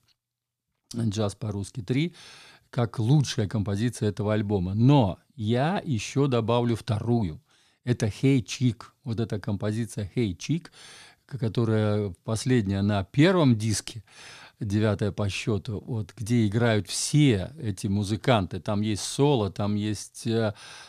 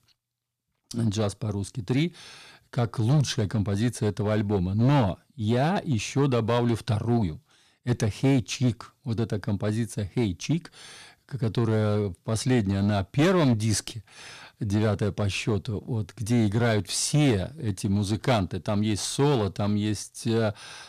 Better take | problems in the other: first | distortion; slight; 5% of the sound clipped

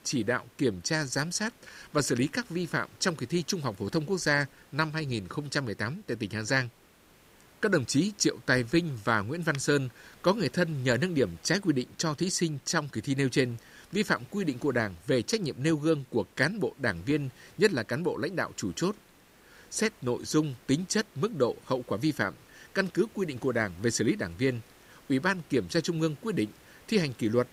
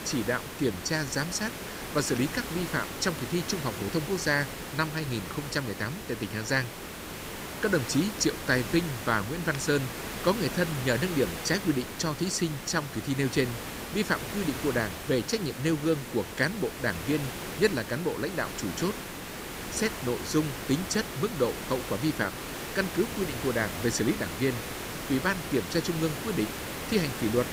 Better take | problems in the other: first | hiss; loud; throughout; 7 dB below the speech; faint in the first

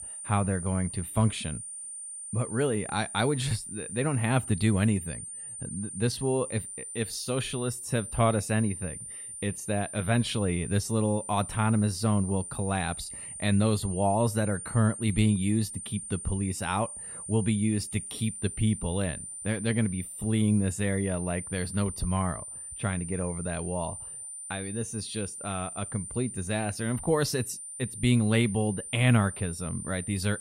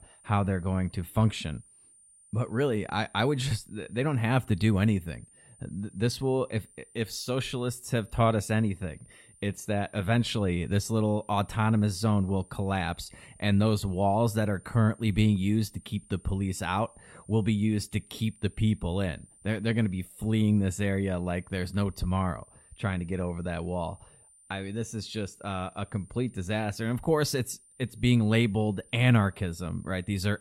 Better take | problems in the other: second | high-pitched whine; loud; throughout; 9 kHz, 8 dB below the speech; faint in the second

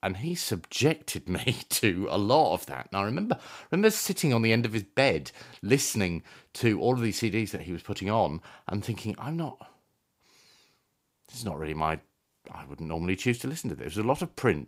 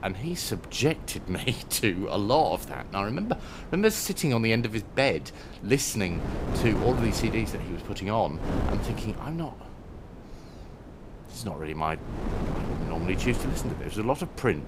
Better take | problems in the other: first | wind noise on the microphone; occasional gusts; 10 dB below the speech

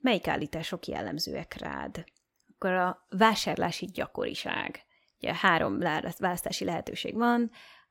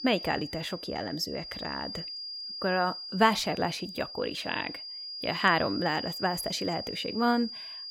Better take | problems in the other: first | high-pitched whine; loud; throughout; 5 kHz, 7 dB below the speech

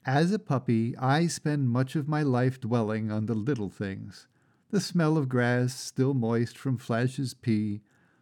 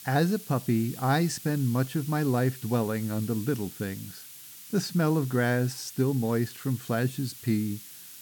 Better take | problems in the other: first | hiss; noticeable; throughout; 15 dB below the speech

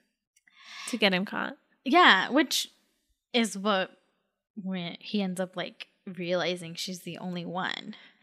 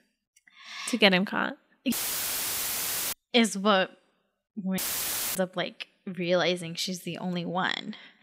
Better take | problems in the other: first | audio cutting out; filled with static; at 2 s for 1 s and at 5 s for 0.5 s

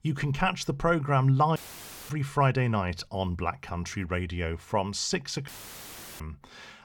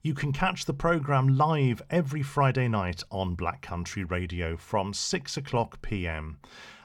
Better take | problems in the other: second | audio cutting out; filled with static; at 1.5 s for 0.5 s and at 5.5 s for 0.5 s

